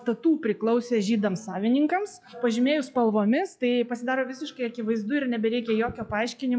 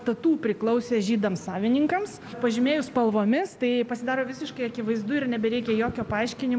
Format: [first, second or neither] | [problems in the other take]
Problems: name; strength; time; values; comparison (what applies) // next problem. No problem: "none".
second | noise reduction (classical method log-MMSE)